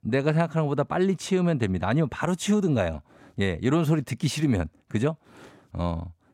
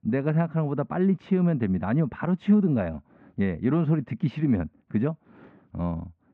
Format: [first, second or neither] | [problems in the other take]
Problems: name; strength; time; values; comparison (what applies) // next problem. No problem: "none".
first | muffled; very; fading above 2.5 kHz